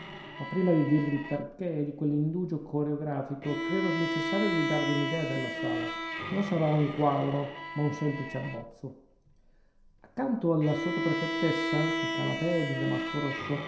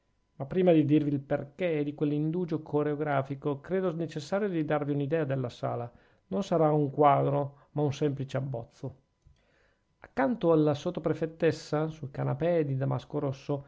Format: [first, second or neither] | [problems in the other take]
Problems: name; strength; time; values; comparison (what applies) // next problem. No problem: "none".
second | background sound (Bowed string instrument); 5 dB below the speech // room echo; dies away in 0.7 s